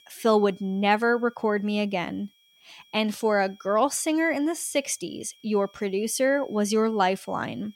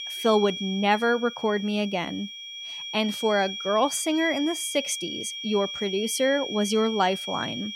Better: first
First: high-pitched whine; faint; throughout; 3.5 kHz, 30 dB below the speech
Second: high-pitched whine; loud; throughout; 3.5 kHz, 7 dB below the speech

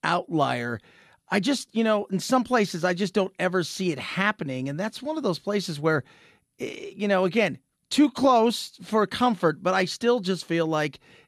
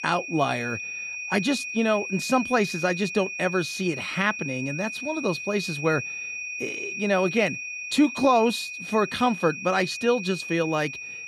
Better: first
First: none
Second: high-pitched whine; loud; throughout; 2.5 kHz, 7 dB below the speech

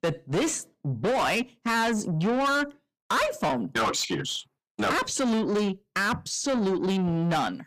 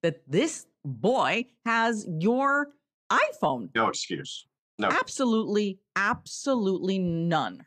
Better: second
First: distortion; heavy; 7 dB below the speech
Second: none

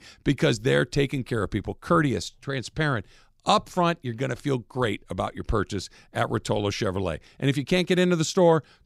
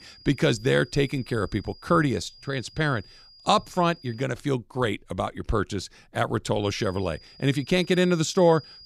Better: first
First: none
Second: high-pitched whine; faint; until 4 s and from 6.5 s on; 5 kHz, 20 dB below the speech

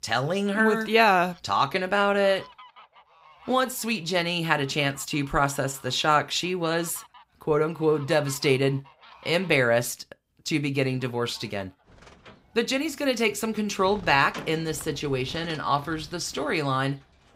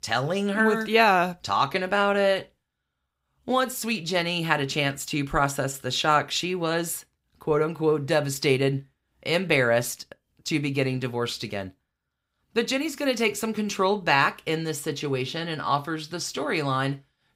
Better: second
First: animal sounds; faint; throughout; 25 dB below the speech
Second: none

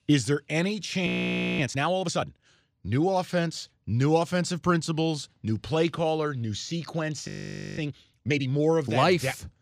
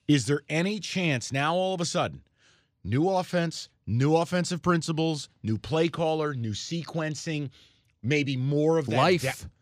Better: second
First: audio freezing; at 1 s for 0.5 s and at 7.5 s for 0.5 s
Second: none

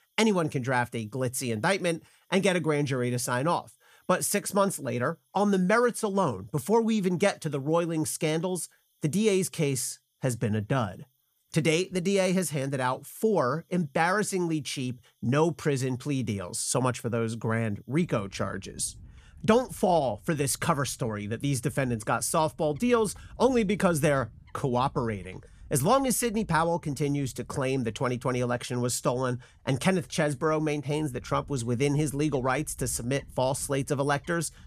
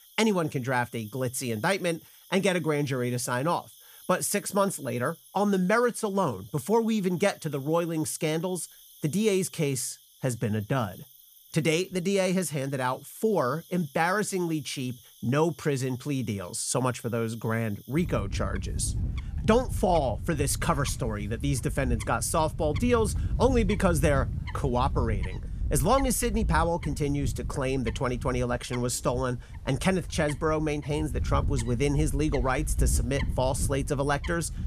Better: first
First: animal sounds; faint; throughout; 25 dB below the speech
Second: animal sounds; loud; throughout; 6 dB below the speech

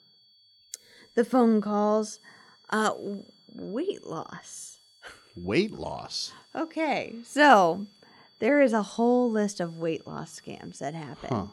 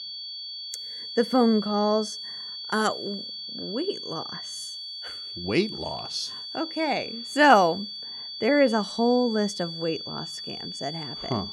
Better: first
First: high-pitched whine; faint; throughout; 4.5 kHz, 30 dB below the speech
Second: high-pitched whine; loud; throughout; 4.5 kHz, 9 dB below the speech

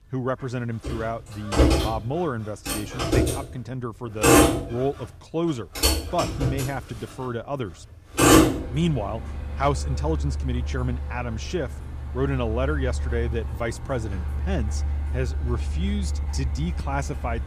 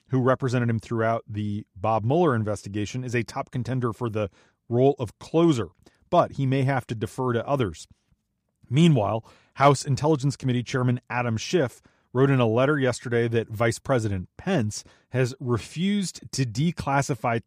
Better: second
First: traffic noise; very loud; throughout; 5 dB above the speech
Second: none

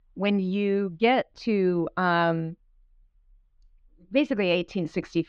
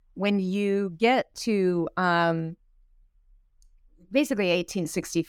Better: second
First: muffled; very slightly; fading above 4 kHz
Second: none

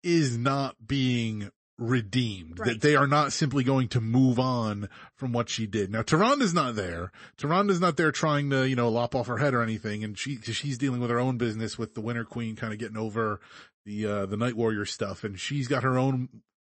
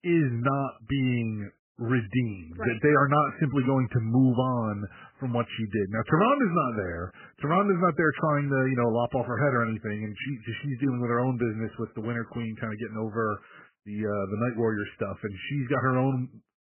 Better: first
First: garbled, watery; slightly; nothing above 8 kHz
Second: garbled, watery; badly; nothing above 3 kHz

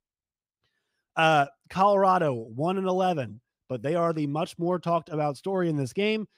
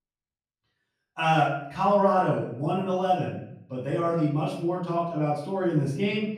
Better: first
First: none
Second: off-mic speech; far // room echo; noticeable; dies away in 0.7 s

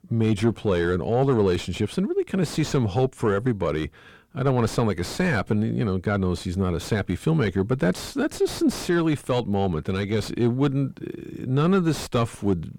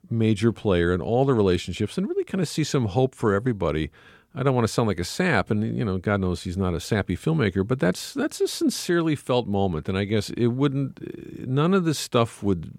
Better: second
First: distortion; slight; 8 dB below the speech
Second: none

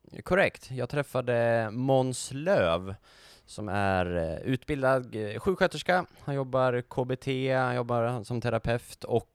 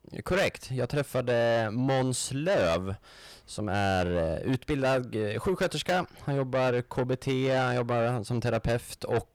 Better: first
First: none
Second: distortion; heavy; 8 dB below the speech

